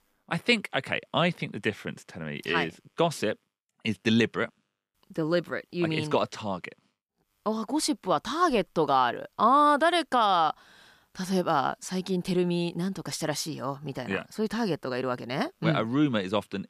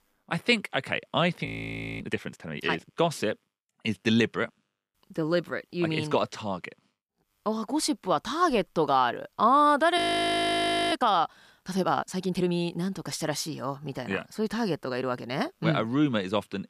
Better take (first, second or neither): first